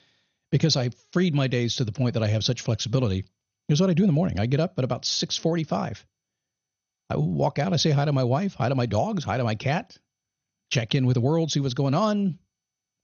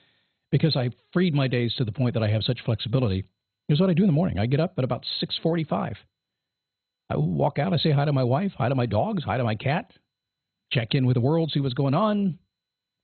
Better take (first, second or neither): first